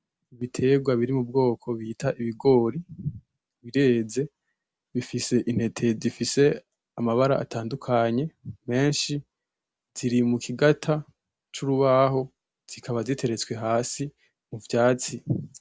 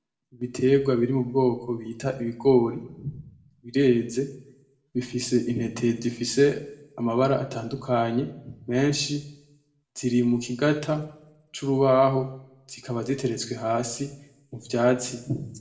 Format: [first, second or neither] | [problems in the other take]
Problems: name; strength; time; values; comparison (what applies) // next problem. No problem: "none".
first | room echo; dies away in 0.6 s